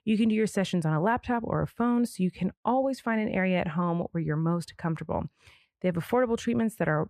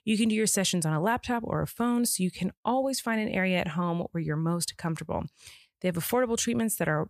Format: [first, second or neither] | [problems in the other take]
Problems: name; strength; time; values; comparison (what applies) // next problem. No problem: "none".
second | muffled; very; fading above 3.5 kHz